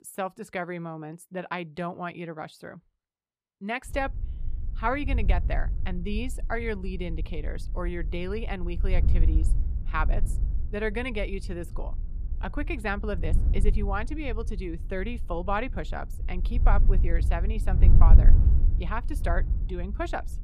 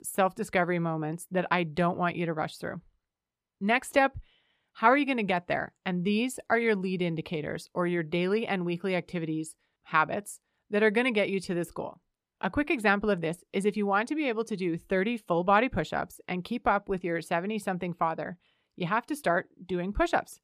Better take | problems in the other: second | wind noise on the microphone; occasional gusts; from 4 s on; 15 dB below the speech

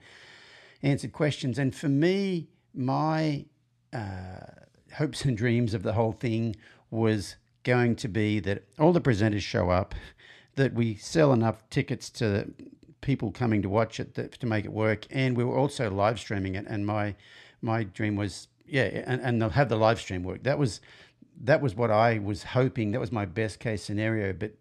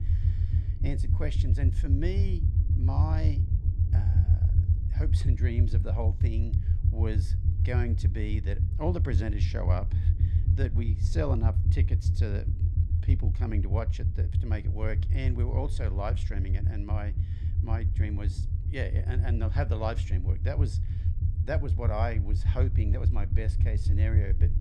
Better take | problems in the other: first | low rumble; loud; throughout; 5 dB below the speech

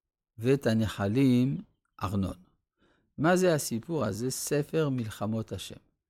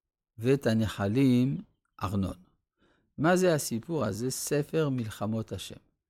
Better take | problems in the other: neither | none

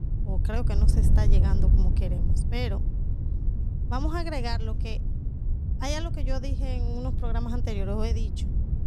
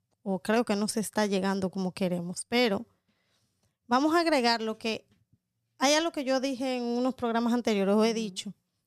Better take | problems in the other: second | wind noise on the microphone; heavy; 7 dB below the speech

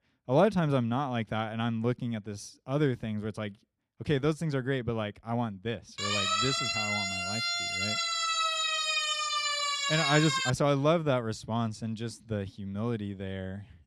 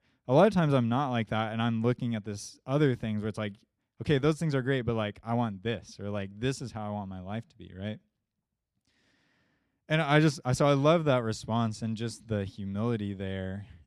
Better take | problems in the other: second | siren; loud; from 6 to 11 s; peak 4 dB above the speech

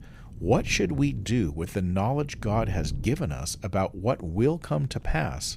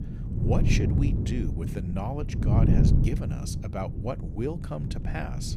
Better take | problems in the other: first | wind noise on the microphone; heavy; 2 dB below the speech; occasional gusts in the first

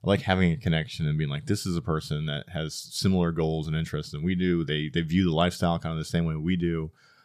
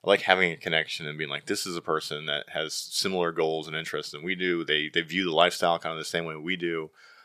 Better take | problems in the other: first | thin; very; fading below 450 Hz

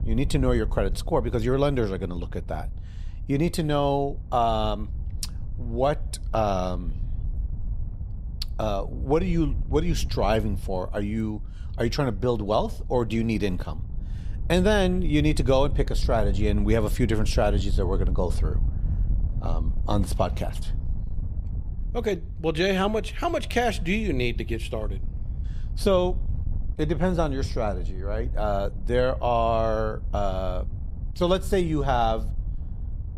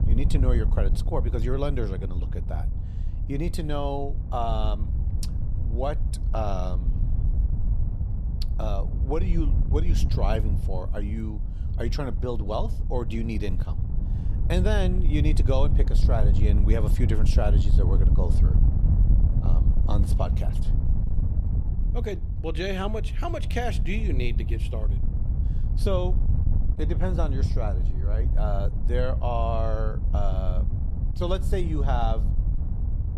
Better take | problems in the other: first | wind noise on the microphone; heavy; 10 dB below the speech; occasional gusts in the first

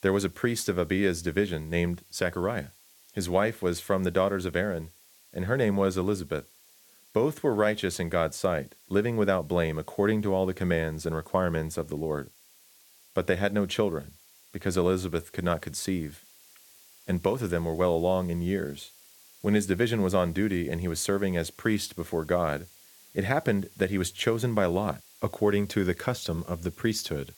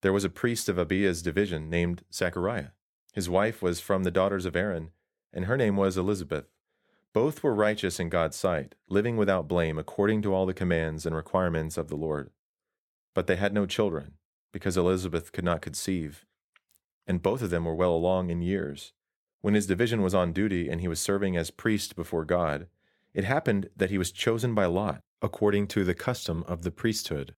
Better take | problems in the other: second | hiss; faint; throughout; 25 dB below the speech

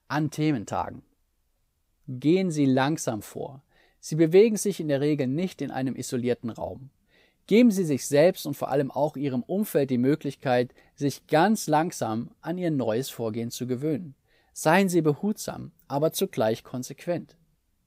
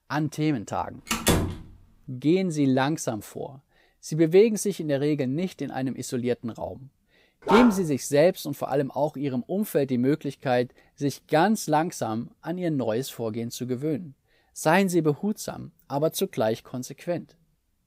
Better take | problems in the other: first | door banging; loud; at 1 s; peak 2 dB above the speech // dog barking; loud; at 7.5 s; peak 1 dB above the speech

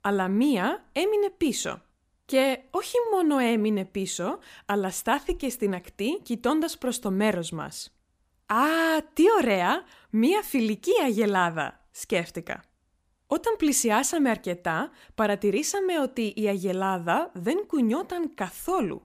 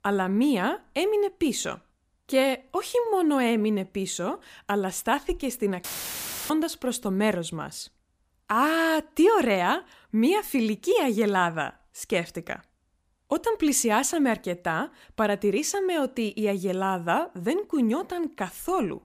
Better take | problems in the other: first | audio cutting out; filled with static; at 6 s for 0.5 s

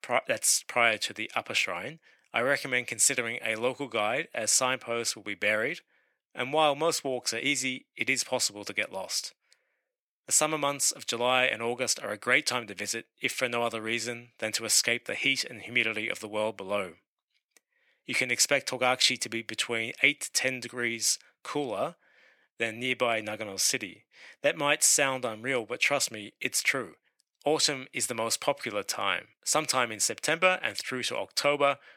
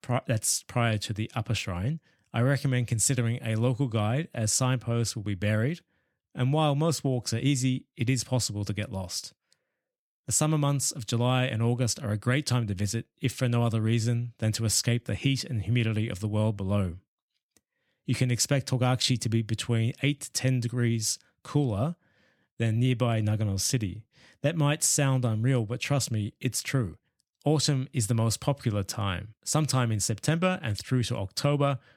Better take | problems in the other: second | thin; very; fading below 500 Hz

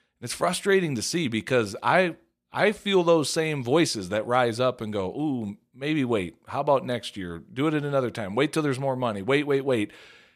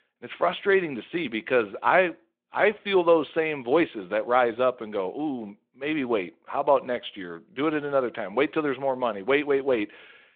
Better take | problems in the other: first | phone-call audio

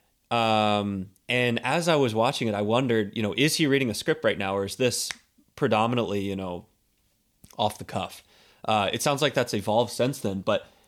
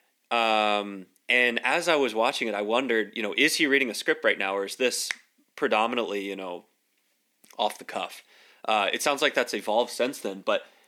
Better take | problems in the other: first | thin; very slightly; fading below 250 Hz

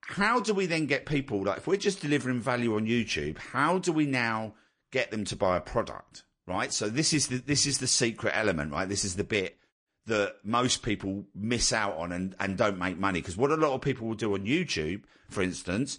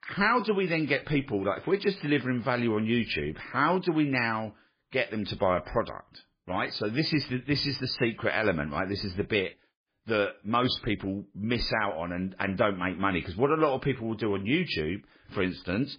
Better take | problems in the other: first | garbled, watery; badly; nothing above 5 kHz; slightly in the first

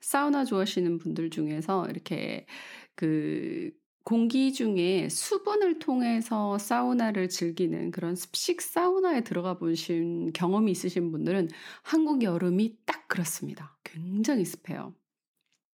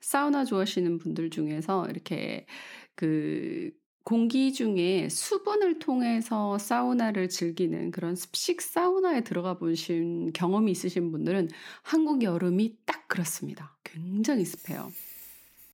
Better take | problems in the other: first | jangling keys; faint; from 14 s on; peak 10 dB below the speech

